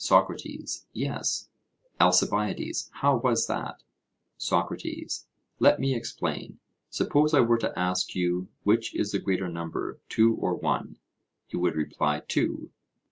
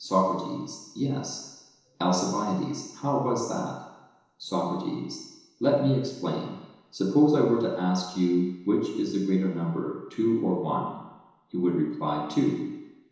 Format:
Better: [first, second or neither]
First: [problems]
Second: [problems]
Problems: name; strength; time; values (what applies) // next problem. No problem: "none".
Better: first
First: none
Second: room echo; dies away in 1 s